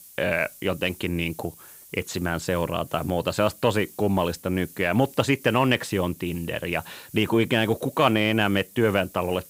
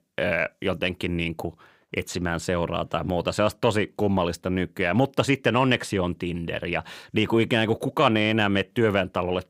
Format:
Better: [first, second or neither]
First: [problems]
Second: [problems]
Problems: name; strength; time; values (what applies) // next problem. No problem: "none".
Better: second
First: hiss; faint; throughout; 20 dB below the speech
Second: none